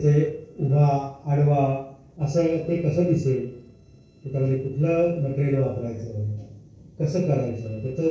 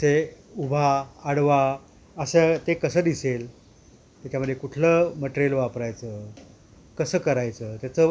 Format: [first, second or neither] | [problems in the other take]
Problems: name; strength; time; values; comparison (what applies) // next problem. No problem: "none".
second | noise reduction (neural separator model SepFormer DNS4)